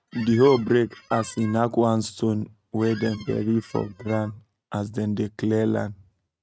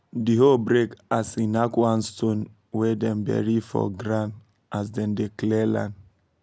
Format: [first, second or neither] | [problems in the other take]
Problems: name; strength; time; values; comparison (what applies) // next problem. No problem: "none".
second | noise reduction (neural mask model RNNoise)